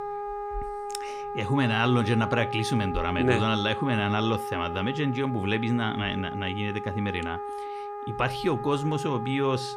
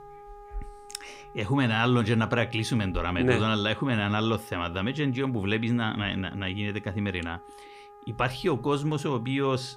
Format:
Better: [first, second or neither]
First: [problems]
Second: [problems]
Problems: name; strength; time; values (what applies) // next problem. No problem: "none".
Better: second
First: background music; loud; throughout; 7 dB below the speech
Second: background music; faint; throughout; 20 dB below the speech